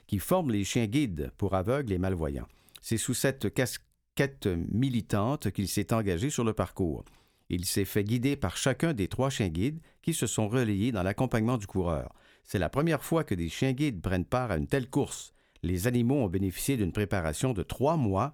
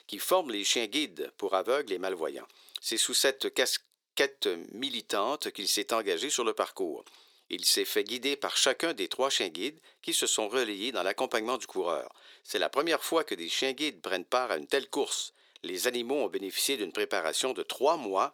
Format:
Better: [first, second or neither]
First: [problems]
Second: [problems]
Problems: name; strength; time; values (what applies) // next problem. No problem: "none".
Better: first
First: none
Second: thin; very; fading below 400 Hz